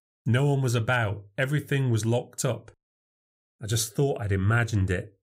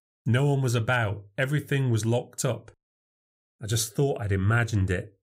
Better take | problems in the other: neither | none

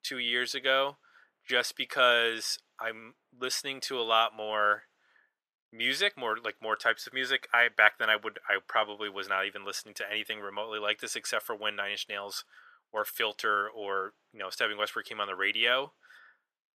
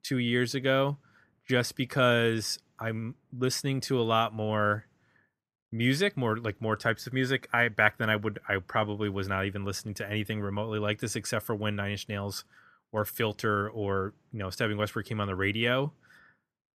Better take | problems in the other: second | thin; very; fading below 600 Hz

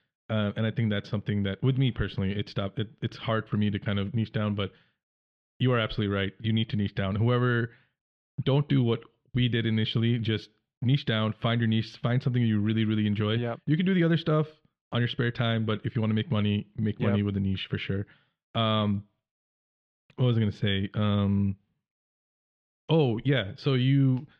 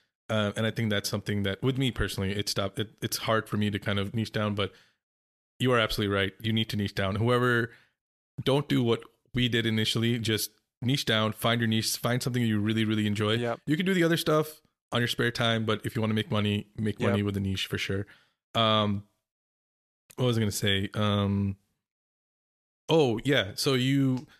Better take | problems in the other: second | muffled; slightly; fading above 3.5 kHz

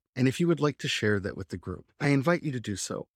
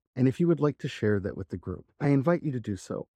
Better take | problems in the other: first | muffled; slightly; fading above 1.5 kHz

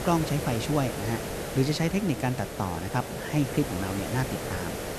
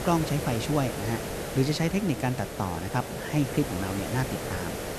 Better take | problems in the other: neither | hiss; loud; throughout; 5 dB below the speech; the same in both

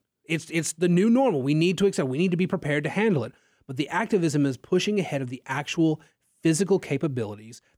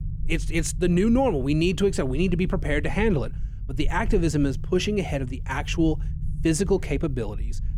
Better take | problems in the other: first | low rumble; faint; throughout; 20 dB below the speech

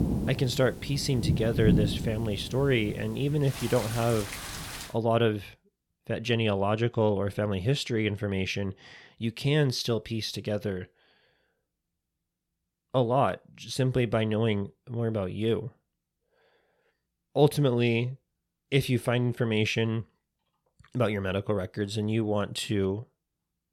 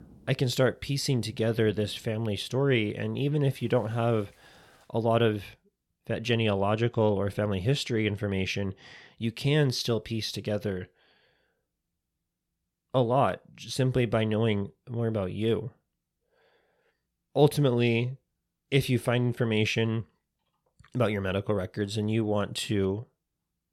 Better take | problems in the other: second | rain or running water; loud; until 5 s; 5 dB below the speech; faint in the second

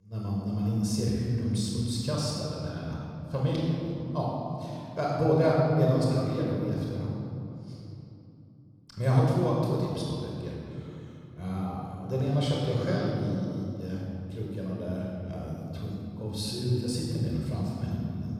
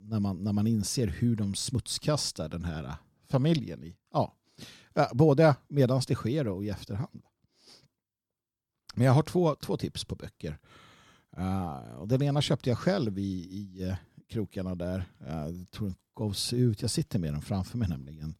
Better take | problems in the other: second | off-mic speech; far // room echo; strong; dies away in 2.8 s

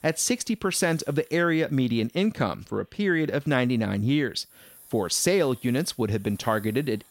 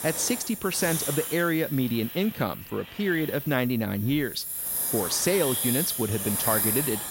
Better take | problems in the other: first | hiss; loud; throughout; 2 dB below the speech; faint in the first

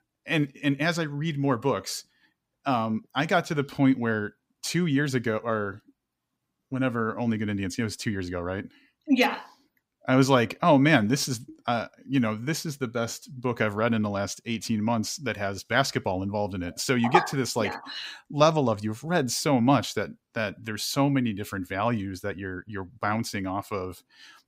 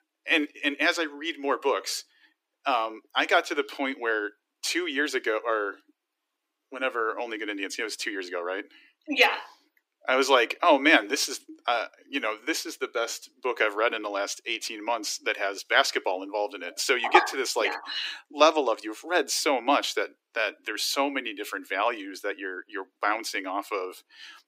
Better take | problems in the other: first | thin; somewhat; fading below 300 Hz

